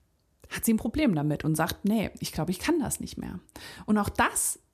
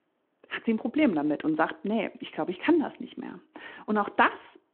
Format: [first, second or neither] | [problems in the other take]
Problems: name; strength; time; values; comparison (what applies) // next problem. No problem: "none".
first | phone-call audio